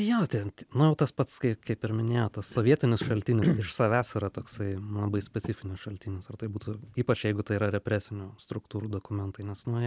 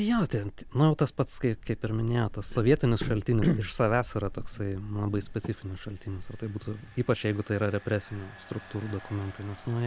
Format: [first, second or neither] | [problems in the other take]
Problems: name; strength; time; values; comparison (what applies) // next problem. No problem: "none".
first | background sound (Engine); 13 dB below the speech